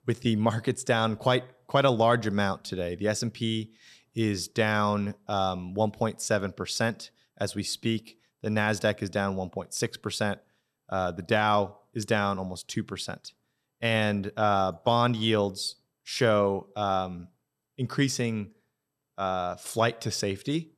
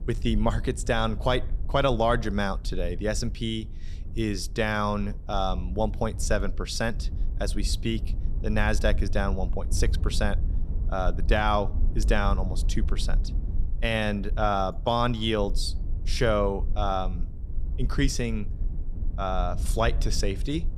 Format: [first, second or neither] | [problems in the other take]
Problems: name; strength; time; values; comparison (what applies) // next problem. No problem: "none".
first | low rumble; faint; throughout; 20 dB below the speech